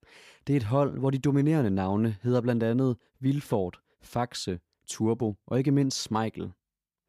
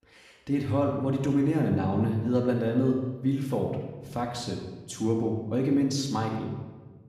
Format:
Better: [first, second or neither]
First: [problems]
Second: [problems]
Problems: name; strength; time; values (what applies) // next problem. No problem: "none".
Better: first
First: none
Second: room echo; noticeable; dies away in 1 s // off-mic speech; somewhat distant